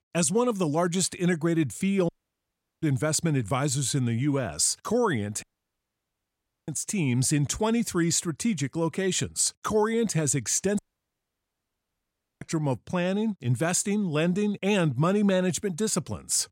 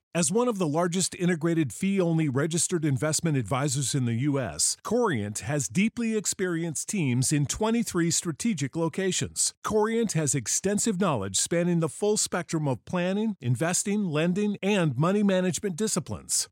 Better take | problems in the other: second | audio cutting out; at 2 s for 0.5 s, at 5.5 s for 1.5 s and at 11 s for 1.5 s

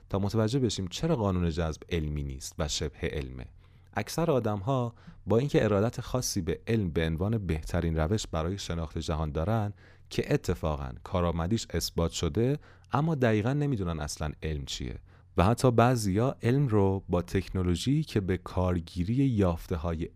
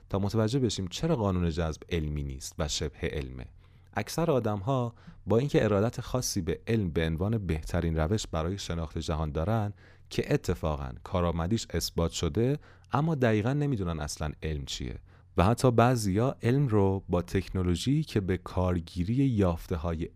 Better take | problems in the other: neither | none

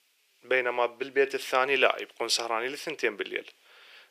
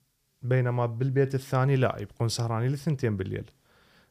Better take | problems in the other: second | thin; very; fading below 400 Hz

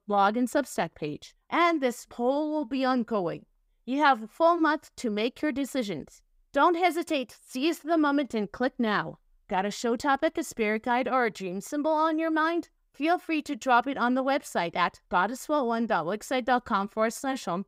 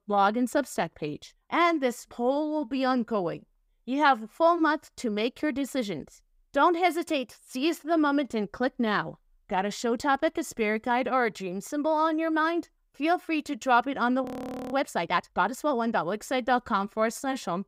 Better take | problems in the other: first | audio freezing; at 14 s

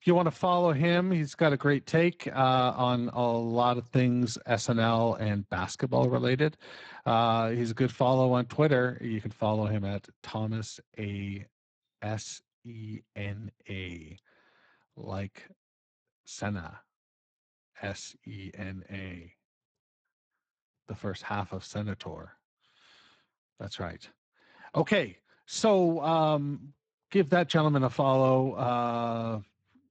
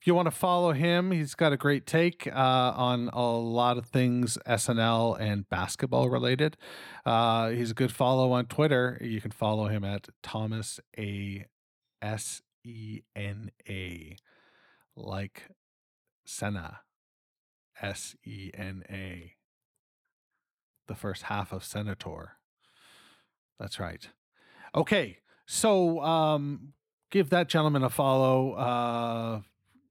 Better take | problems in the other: second | garbled, watery; badly; nothing above 8 kHz

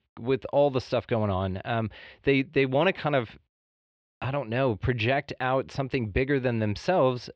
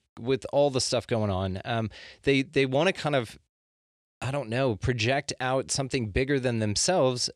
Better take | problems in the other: second | muffled; very; fading above 3.5 kHz

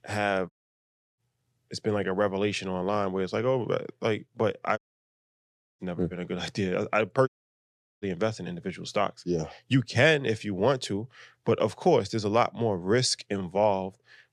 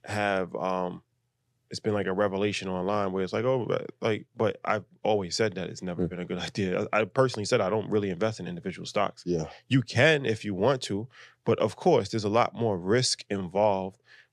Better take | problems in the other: second | audio cutting out; at 0.5 s for 0.5 s, at 5 s for 1 s and at 7.5 s for 0.5 s

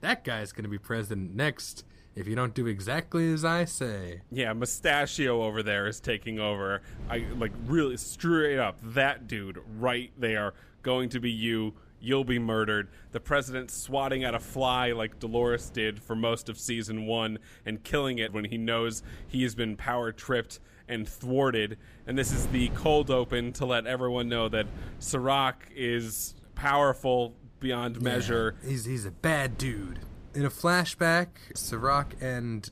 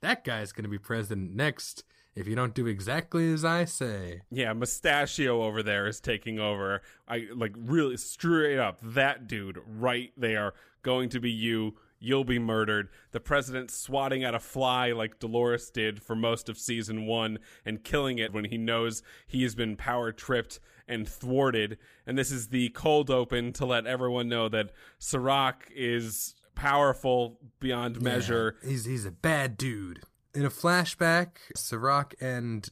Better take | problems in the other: second | wind noise on the microphone; occasional gusts; 25 dB below the speech

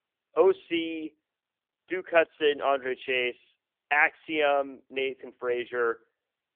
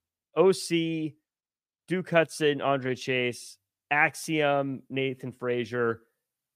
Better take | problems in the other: second | phone-call audio; nothing above 3 kHz

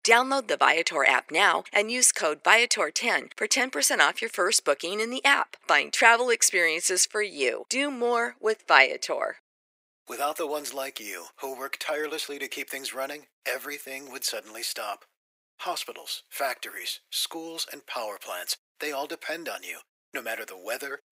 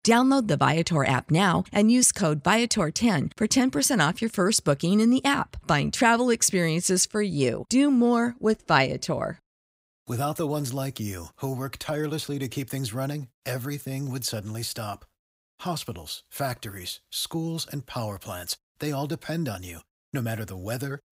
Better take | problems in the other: second | thin; very; fading below 400 Hz

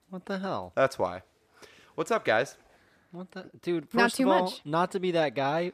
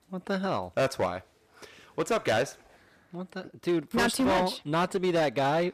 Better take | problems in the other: first | distortion; heavy; 9% of the sound clipped

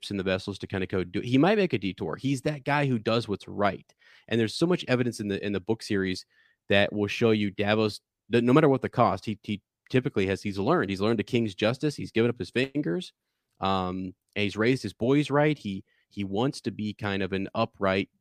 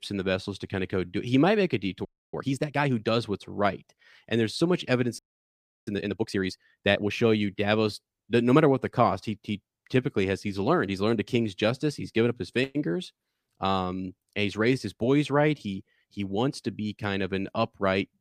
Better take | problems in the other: first | audio freezing; at 2 s and at 5 s for 0.5 s

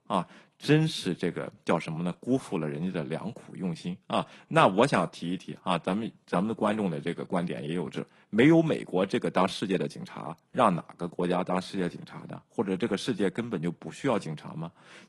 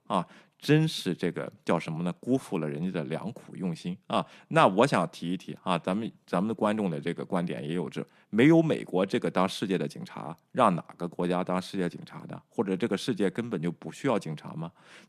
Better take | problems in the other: second | garbled, watery; slightly

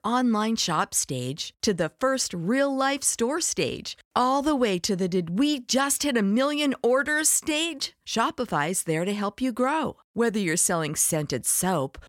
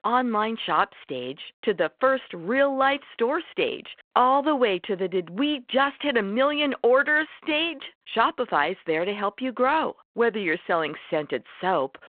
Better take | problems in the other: first | phone-call audio

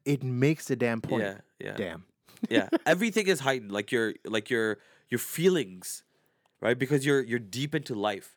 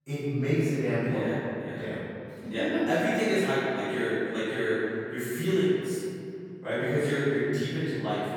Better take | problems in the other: first | off-mic speech; far // room echo; strong; dies away in 2.5 s

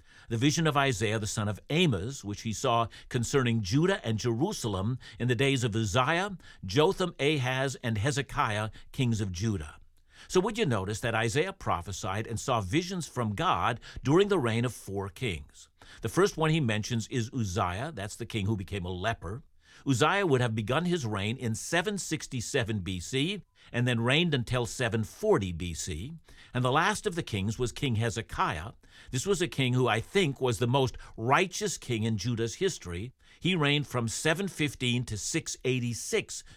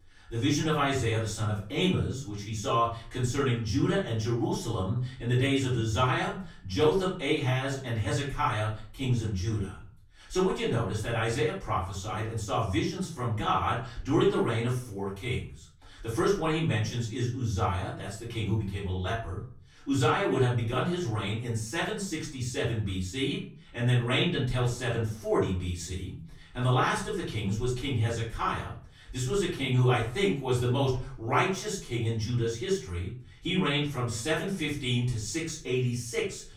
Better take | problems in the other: first | room echo; slight; dies away in 0.4 s // off-mic speech; far

